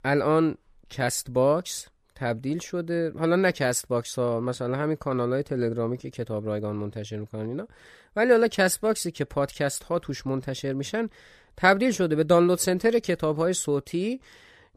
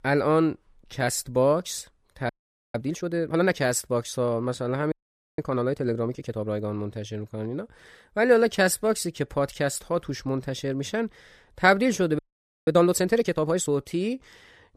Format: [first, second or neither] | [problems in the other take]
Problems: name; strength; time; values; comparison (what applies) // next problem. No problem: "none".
first | audio freezing; at 2.5 s, at 5 s and at 12 s